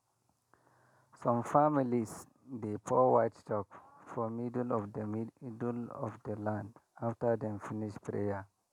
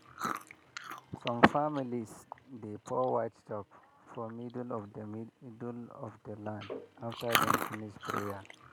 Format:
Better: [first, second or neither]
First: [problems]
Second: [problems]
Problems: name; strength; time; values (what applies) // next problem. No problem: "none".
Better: first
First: none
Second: background sound (Chewing, mastication); 2 dB above the speech